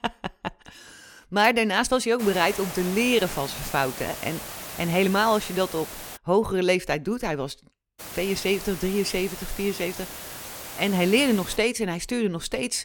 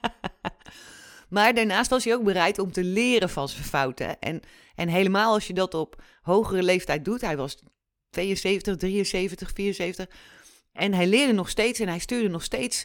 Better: second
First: hiss; noticeable; from 2 to 6 s and from 8 to 12 s; 10 dB below the speech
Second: none

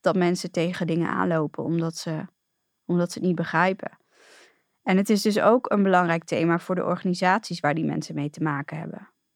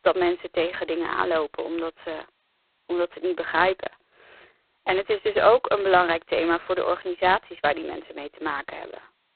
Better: first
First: none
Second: phone-call audio; poor line; nothing above 4 kHz

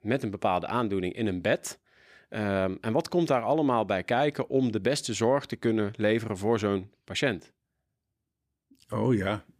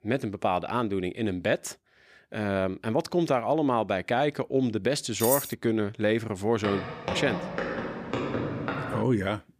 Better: first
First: none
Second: clattering dishes; noticeable; at 5 s; peak level with the speech // footsteps; noticeable; from 6.5 to 9 s; peak 3 dB below the speech

